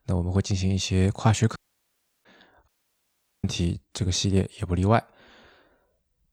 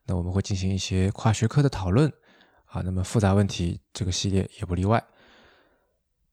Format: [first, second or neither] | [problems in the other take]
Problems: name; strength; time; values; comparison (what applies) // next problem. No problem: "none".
second | audio cutting out; at 1.5 s for 0.5 s and at 2.5 s for 1 s